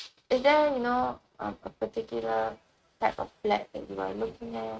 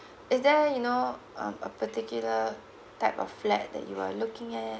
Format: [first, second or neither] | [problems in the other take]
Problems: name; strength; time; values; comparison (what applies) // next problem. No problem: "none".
second | noise reduction (neural mask model RNNoise)